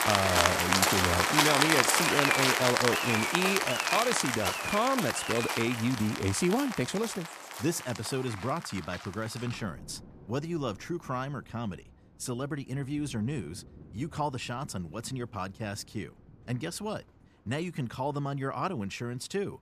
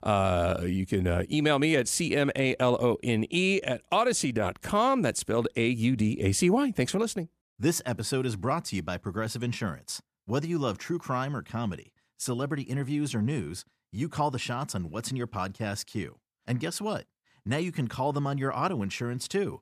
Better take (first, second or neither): second